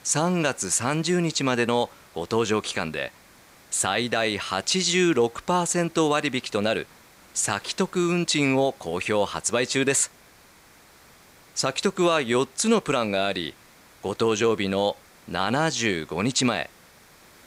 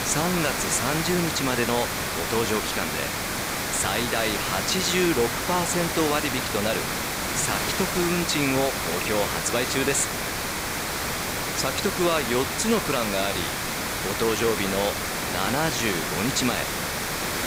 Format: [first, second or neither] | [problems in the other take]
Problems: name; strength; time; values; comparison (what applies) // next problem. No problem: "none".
first | hiss; loud; throughout; as loud as the speech; faint in the first